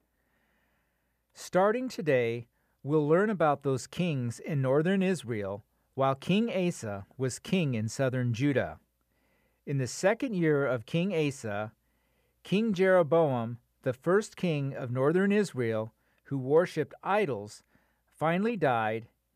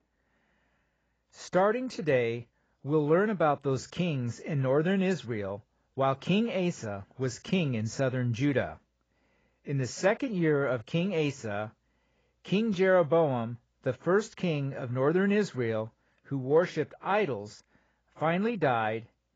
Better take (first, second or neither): first